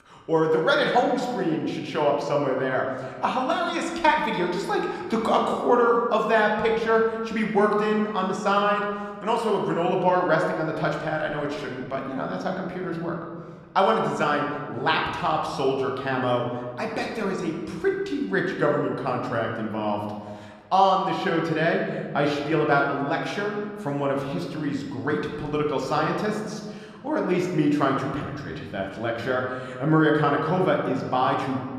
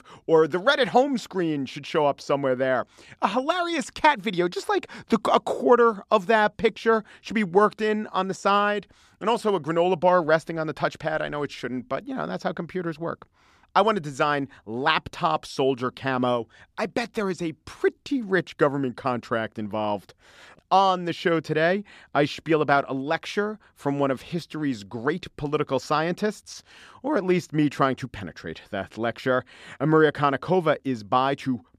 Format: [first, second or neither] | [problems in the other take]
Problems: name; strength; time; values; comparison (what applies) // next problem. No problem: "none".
second | room echo; noticeable; dies away in 1.5 s // off-mic speech; somewhat distant